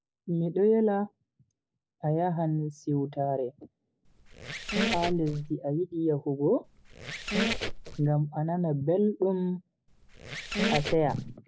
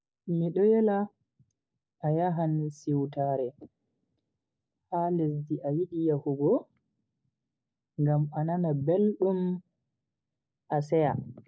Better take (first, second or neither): second